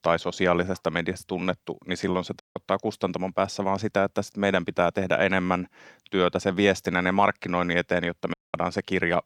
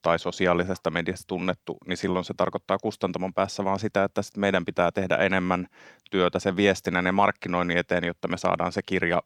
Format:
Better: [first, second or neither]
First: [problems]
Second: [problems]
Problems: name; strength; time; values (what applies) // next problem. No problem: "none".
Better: second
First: audio cutting out; at 2.5 s and at 8.5 s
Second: none